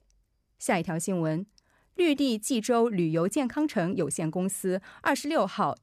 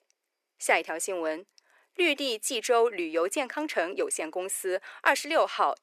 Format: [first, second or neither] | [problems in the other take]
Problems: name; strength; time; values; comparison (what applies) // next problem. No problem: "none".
first | thin; very; fading below 400 Hz